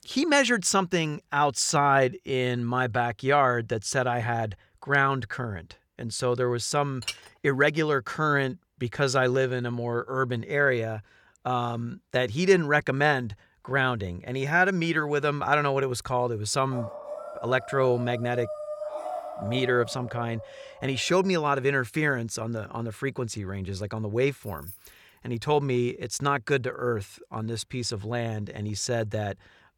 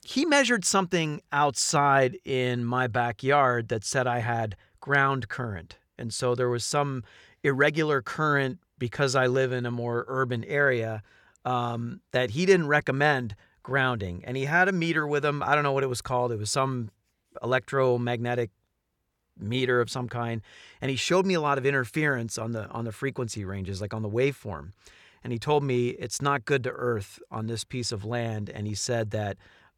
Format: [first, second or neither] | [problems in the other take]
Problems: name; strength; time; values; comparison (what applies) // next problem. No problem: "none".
second | clattering dishes; noticeable; at 7 s; peak 9 dB below the speech // dog barking; noticeable; from 17 to 21 s; peak 7 dB below the speech // jangling keys; faint; at 24 s; peak 15 dB below the speech